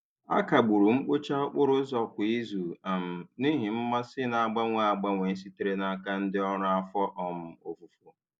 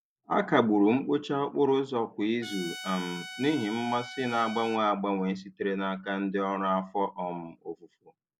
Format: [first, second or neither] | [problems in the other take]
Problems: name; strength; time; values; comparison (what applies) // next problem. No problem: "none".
first | background sound (Trumpet); 13 dB below the speech